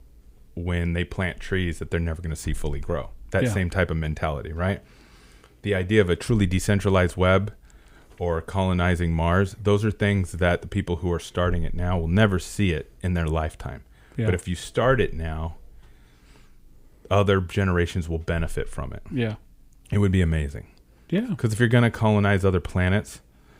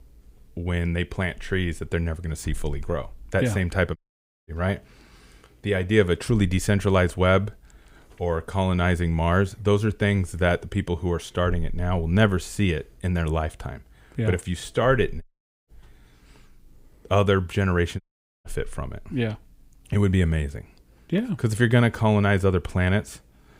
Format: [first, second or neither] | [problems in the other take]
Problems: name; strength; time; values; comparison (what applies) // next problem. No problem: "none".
first | audio cutting out; at 4 s for 0.5 s, at 15 s and at 18 s